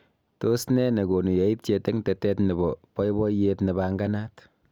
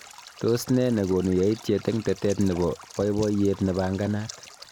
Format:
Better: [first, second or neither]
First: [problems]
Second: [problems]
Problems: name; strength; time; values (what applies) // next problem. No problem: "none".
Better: first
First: none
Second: background sound (Stream); 20 dB below the speech